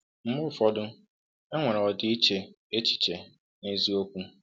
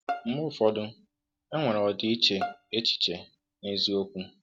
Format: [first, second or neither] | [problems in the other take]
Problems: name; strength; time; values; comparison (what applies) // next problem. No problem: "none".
first | noise reduction (neural mask model RNNoise)